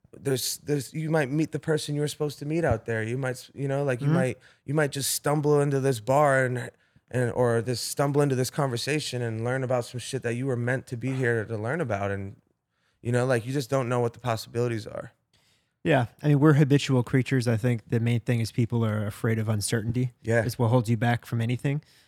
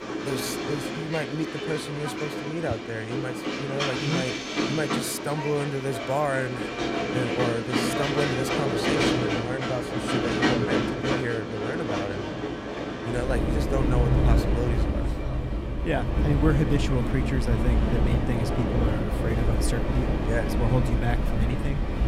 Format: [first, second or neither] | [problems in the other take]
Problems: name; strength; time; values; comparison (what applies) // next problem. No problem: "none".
first | train or aircraft noise; very loud; throughout; 3 dB above the speech